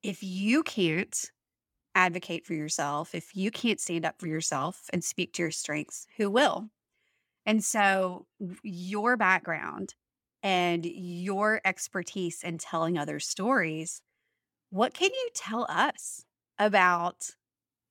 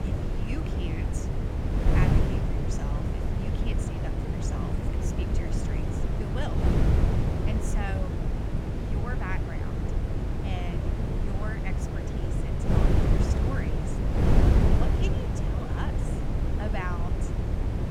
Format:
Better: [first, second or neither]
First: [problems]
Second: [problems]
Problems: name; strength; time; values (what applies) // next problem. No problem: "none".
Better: first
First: none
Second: wind noise on the microphone; heavy; 4 dB above the speech